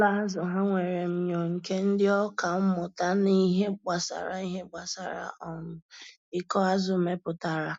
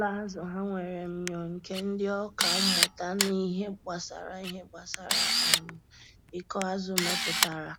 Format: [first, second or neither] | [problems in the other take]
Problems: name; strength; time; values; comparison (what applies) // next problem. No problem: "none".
first | background sound (Camera); 2 dB above the speech